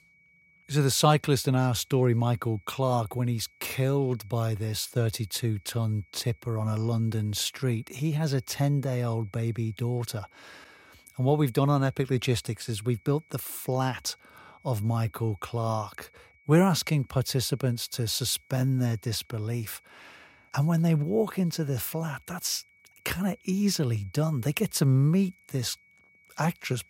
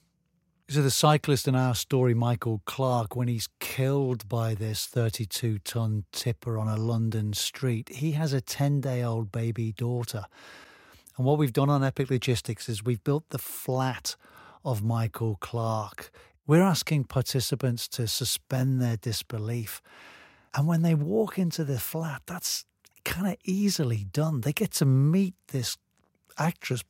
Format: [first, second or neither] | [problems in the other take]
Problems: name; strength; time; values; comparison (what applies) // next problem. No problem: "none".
second | high-pitched whine; faint; throughout; 2 kHz, 30 dB below the speech